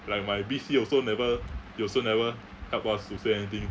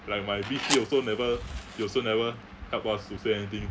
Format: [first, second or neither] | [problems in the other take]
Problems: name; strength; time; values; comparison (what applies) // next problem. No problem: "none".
first | background sound (Fire); 8 dB below the speech